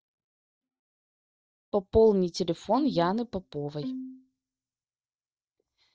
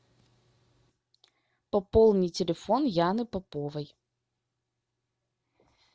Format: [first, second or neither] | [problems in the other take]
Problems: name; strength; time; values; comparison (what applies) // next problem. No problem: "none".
second | noise reduction (neural mask model DeepFilterNet 3)